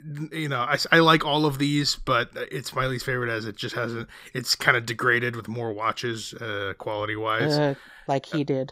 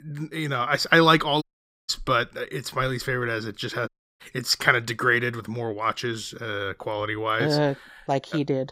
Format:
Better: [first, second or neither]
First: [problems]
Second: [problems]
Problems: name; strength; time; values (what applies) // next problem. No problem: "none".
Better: first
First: none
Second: audio cutting out; at 1.5 s and at 4 s